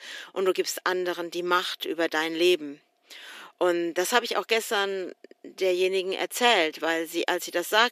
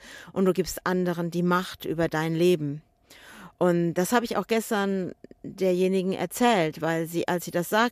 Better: second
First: thin; very; fading below 350 Hz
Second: none

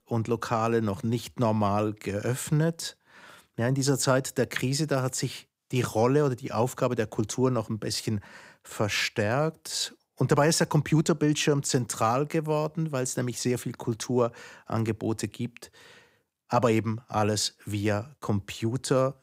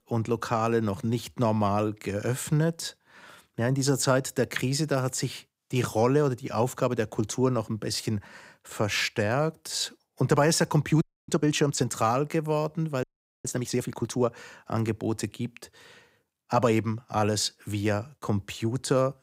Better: first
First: none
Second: audio freezing; at 11 s and at 13 s

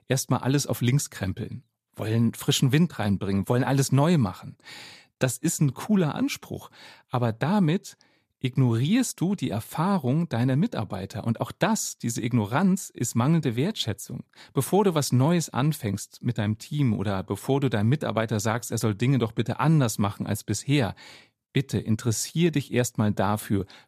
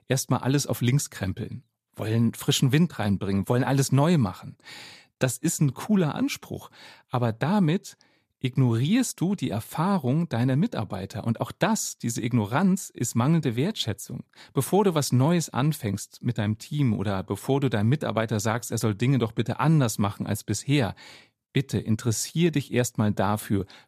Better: neither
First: none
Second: none

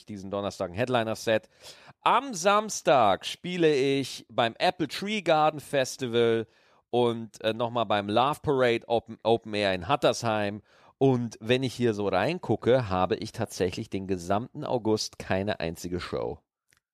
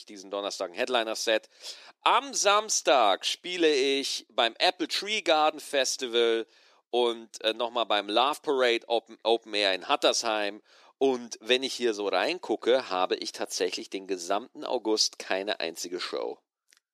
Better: first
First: none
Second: thin; somewhat; fading below 300 Hz

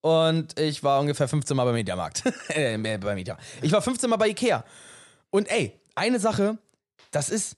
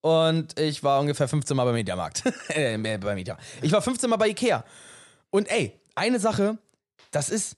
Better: neither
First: none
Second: none

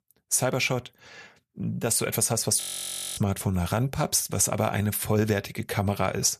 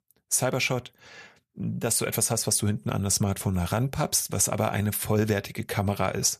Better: second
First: audio freezing; at 2.5 s for 0.5 s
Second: none

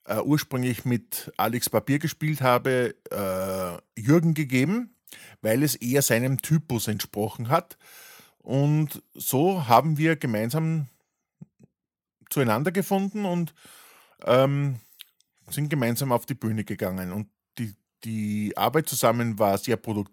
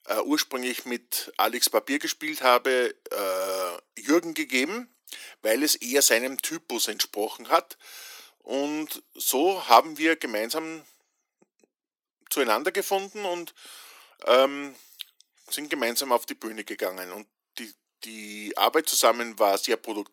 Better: first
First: none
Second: thin; somewhat; fading below 300 Hz

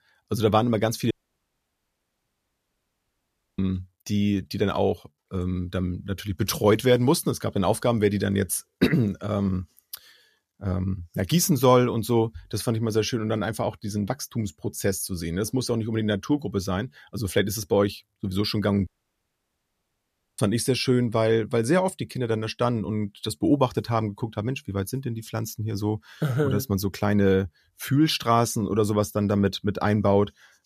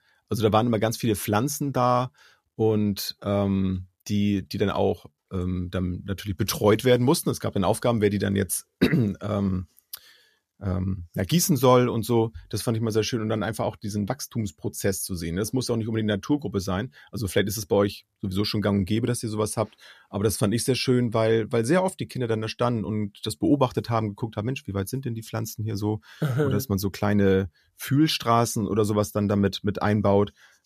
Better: second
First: audio cutting out; at 1 s for 2.5 s and at 19 s for 1.5 s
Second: none

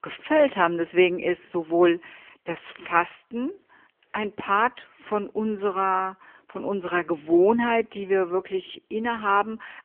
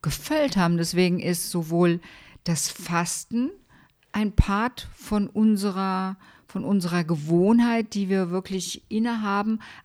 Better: second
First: phone-call audio; poor line; nothing above 3 kHz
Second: none

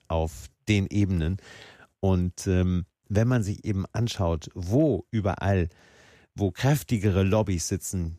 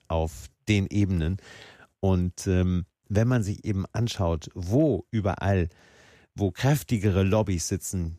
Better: neither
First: none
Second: none

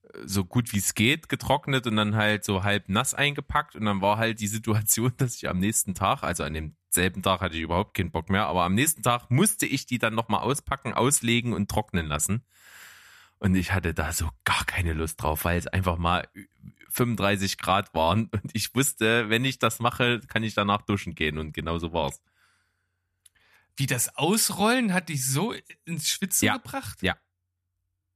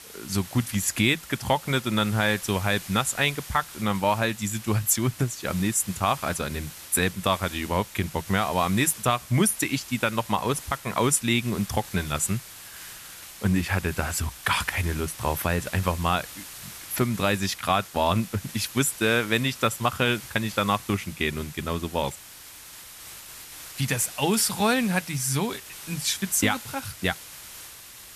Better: first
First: none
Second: hiss; noticeable; throughout; 15 dB below the speech

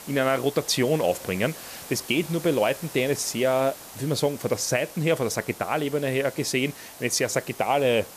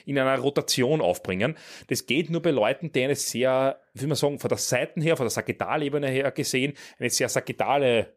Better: second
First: hiss; noticeable; throughout; 15 dB below the speech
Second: none

